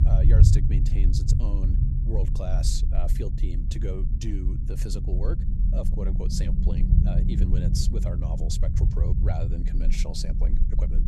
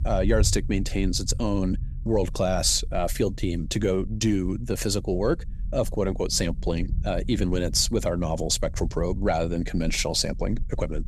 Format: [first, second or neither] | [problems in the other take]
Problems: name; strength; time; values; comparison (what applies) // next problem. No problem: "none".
second | low rumble; loud; throughout; 2 dB below the speech; faint in the second